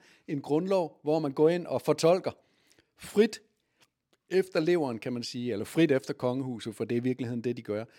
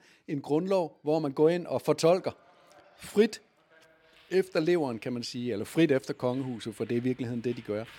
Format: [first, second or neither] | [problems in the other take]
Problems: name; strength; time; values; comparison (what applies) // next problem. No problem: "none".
first | animal sounds; faint; throughout; 30 dB below the speech